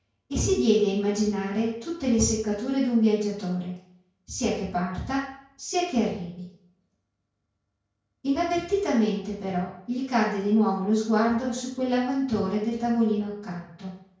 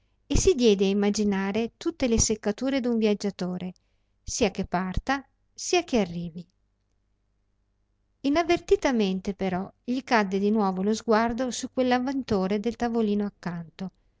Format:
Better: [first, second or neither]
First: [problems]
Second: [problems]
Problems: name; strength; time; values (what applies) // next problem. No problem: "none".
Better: second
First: room echo; dies away in 0.5 s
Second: none